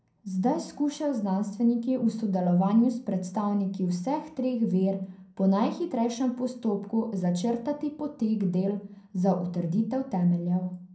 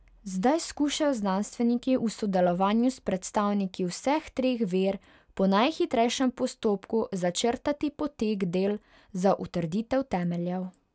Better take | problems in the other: second | room echo; dies away in 0.6 s

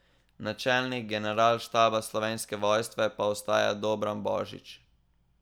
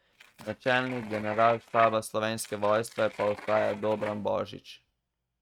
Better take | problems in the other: first | noise reduction (neural mask model RNNoise)

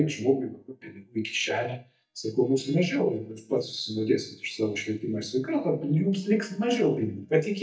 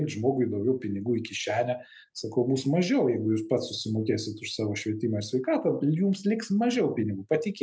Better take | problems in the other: second | noise reduction (neural mask model DeepFilterNet 3)

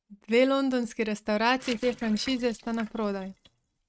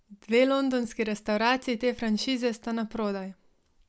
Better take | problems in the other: second | noise reduction (neural mask model RNNoise)

